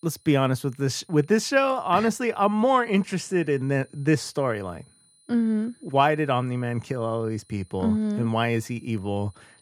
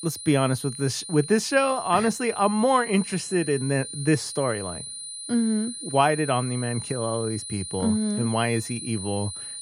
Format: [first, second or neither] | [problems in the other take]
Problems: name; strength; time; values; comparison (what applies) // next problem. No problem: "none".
first | high-pitched whine; loud; throughout; 9.5 kHz, 9 dB below the speech; faint in the first